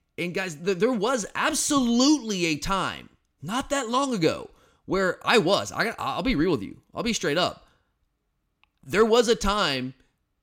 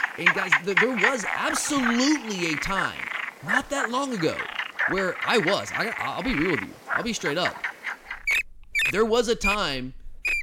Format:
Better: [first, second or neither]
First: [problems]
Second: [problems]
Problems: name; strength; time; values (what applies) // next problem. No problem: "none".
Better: first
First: none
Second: animal sounds; loud; throughout; as loud as the speech